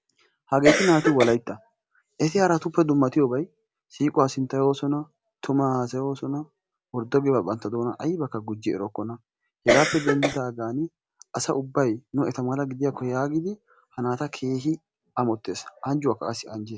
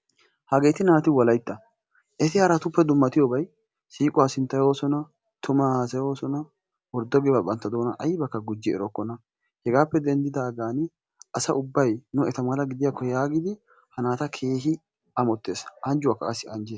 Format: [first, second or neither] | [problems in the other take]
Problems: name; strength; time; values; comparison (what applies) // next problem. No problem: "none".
second | background sound (Cough); 2 dB above the speech